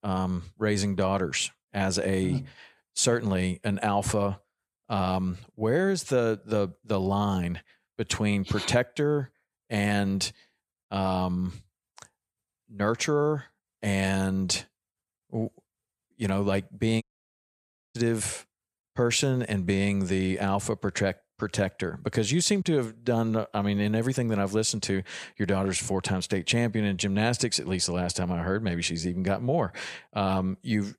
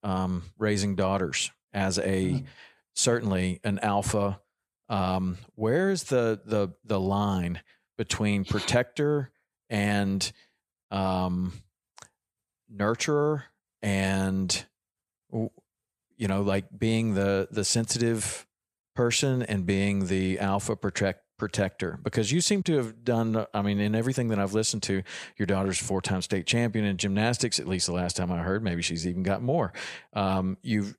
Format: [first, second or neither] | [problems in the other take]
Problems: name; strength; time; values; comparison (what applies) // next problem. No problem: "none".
second | audio cutting out; at 17 s for 1 s